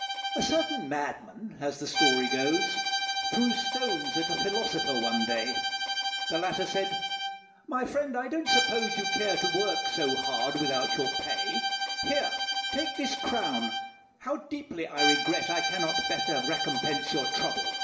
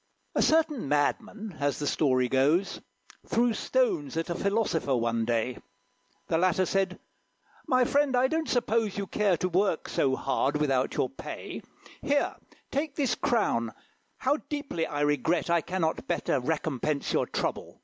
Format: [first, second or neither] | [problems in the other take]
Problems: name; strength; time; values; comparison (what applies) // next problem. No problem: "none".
second | background sound (Bowed string instrument); 1 dB above the speech // room echo; dies away in 0.9 s